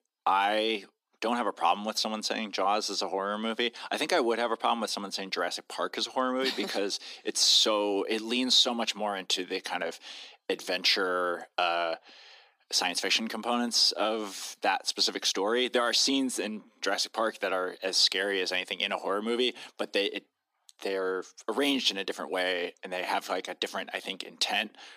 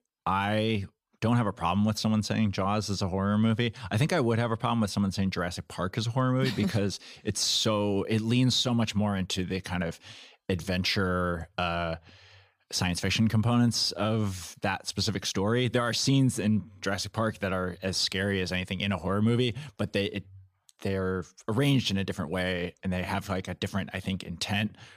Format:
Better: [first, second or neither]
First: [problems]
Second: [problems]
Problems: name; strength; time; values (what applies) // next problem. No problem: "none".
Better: second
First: thin; somewhat; fading below 250 Hz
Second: none